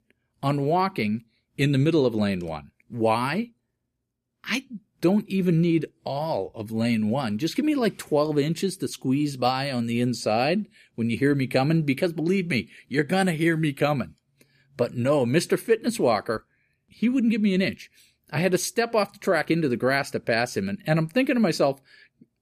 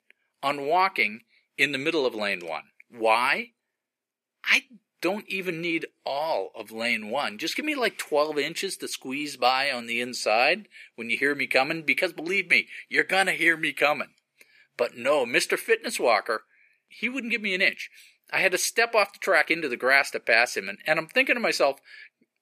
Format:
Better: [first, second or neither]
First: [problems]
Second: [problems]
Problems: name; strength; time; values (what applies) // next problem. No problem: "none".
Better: first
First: none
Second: thin; very; fading below 550 Hz